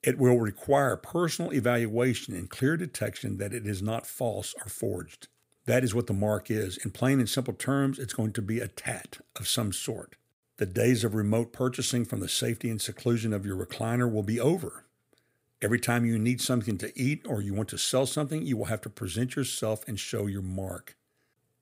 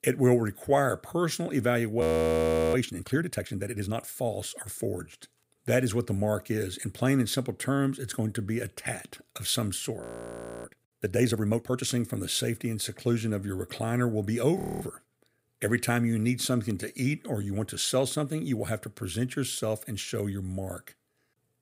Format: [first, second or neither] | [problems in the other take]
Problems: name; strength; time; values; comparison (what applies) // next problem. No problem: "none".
first | audio freezing; at 2 s for 0.5 s, at 10 s for 0.5 s and at 15 s